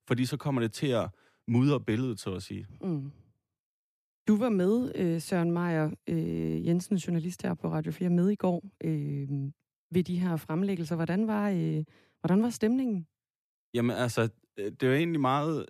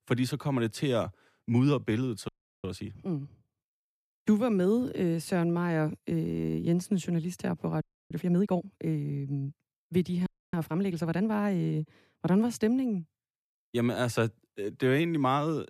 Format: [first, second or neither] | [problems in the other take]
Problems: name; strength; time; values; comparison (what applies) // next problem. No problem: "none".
first | audio freezing; at 2.5 s, at 8 s and at 10 s